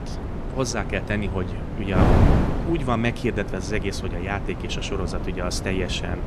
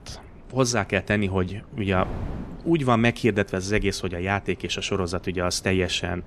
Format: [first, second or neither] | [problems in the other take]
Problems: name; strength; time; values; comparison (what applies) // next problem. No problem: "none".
second | wind noise on the microphone; heavy; 3 dB below the speech; occasional gusts in the second